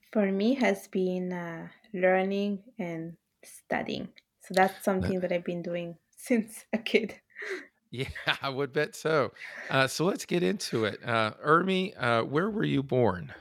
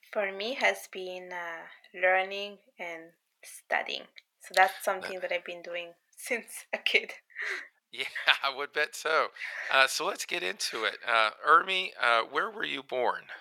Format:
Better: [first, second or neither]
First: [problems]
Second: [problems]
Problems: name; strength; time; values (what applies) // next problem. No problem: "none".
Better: first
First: none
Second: thin; very; fading below 850 Hz